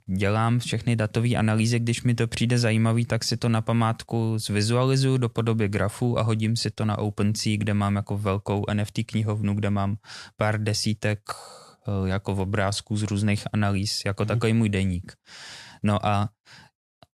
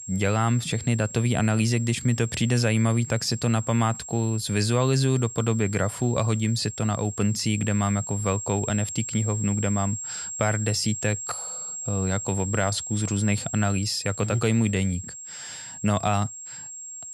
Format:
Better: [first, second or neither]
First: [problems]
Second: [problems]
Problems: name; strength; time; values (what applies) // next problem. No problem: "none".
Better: first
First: none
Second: high-pitched whine; loud; throughout; 7.5 kHz, 9 dB below the speech